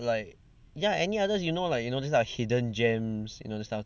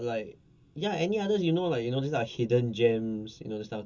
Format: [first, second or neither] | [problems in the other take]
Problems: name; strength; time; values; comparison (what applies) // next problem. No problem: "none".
first | room echo; dies away in 0.2 s